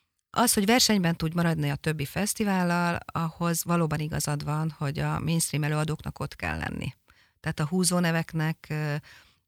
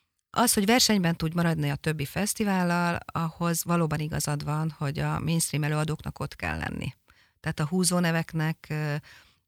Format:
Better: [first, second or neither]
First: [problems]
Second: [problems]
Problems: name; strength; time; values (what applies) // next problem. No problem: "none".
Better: neither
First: none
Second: none